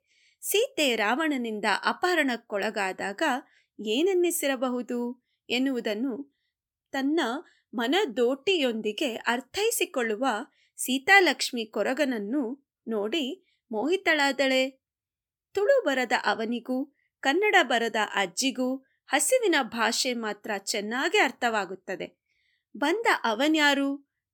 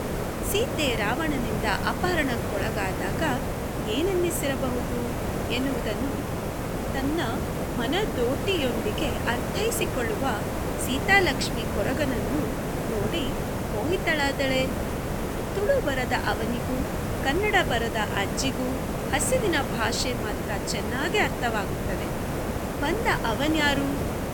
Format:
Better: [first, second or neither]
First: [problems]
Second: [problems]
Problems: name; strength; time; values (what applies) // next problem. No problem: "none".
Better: first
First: none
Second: hiss; loud; throughout; 2 dB below the speech